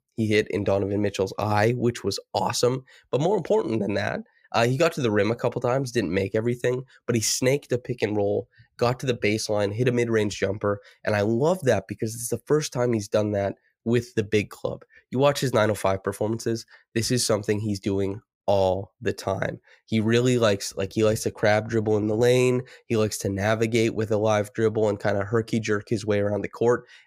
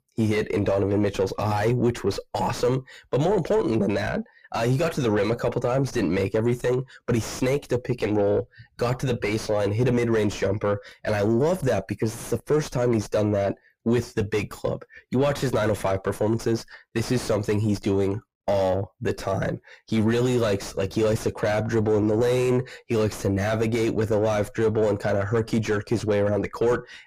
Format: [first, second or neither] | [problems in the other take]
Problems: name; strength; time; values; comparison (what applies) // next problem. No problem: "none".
first | distortion; heavy; 6 dB below the speech